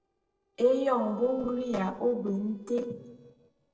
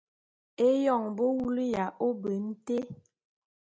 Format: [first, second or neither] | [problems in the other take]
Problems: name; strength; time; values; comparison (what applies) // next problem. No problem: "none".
second | noise reduction (neural separator model SepFormer DNS4)